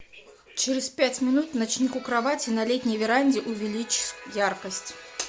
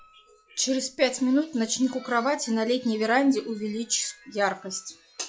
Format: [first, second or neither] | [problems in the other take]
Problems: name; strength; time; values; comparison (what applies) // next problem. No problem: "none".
first | noise reduction (classical method log-MMSE)